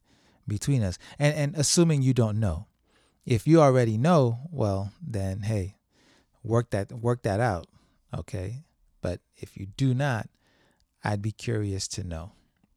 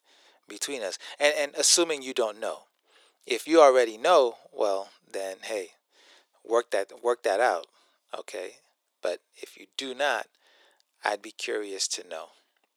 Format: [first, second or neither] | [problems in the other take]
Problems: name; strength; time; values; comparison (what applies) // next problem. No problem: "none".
first | thin; very; fading below 400 Hz